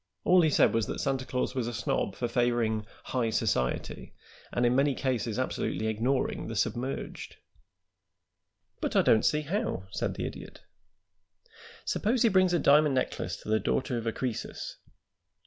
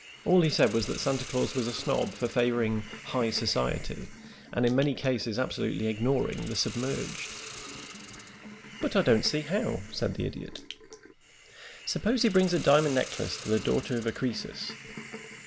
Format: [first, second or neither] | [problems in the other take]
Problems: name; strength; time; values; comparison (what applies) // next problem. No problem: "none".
first | background sound (Hiss); 15 dB below the speech